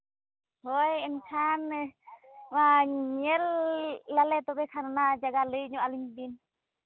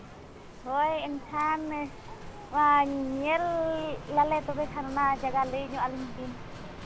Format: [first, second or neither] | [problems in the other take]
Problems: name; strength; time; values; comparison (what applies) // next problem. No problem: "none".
first | background sound (Bicycle + Sliding door); 12 dB below the speech